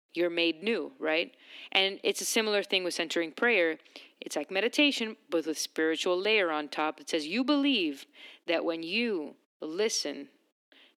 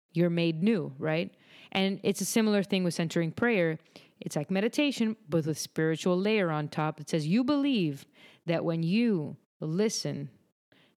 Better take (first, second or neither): second